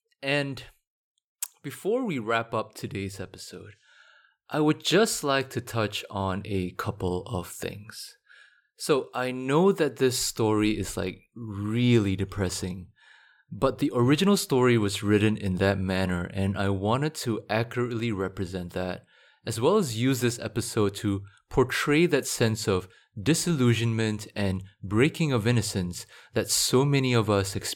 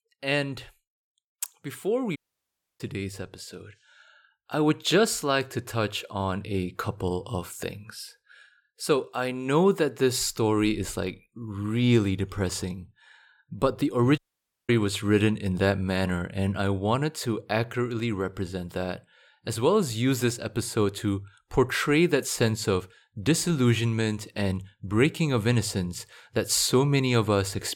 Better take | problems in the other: first | audio cutting out; at 2 s for 0.5 s and at 14 s for 0.5 s

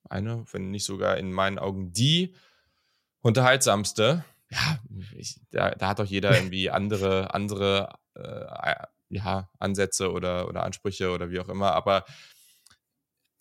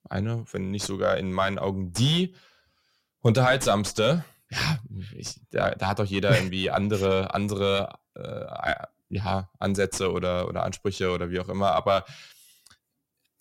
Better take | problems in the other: first | distortion; slight; 10 dB below the speech

